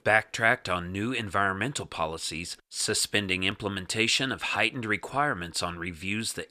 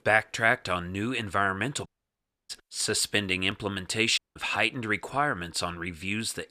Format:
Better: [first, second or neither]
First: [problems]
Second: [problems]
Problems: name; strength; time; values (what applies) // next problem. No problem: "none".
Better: first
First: none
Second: audio cutting out; at 2 s for 0.5 s and at 4 s